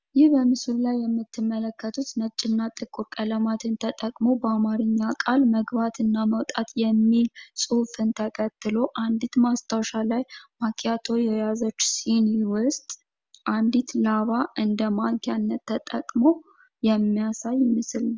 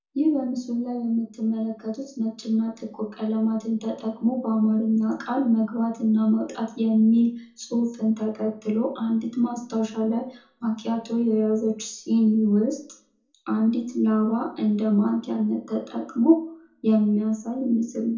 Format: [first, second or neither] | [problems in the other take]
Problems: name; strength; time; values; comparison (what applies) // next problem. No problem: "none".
first | room echo; dies away in 0.5 s